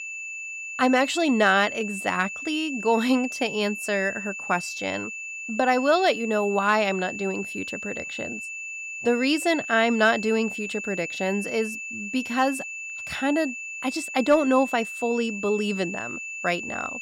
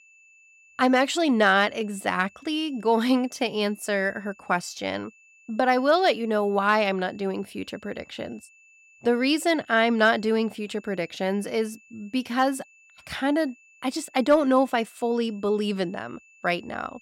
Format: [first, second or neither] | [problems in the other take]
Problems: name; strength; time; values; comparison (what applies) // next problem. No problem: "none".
second | high-pitched whine; loud; throughout; 2.5 kHz, 8 dB below the speech; faint in the second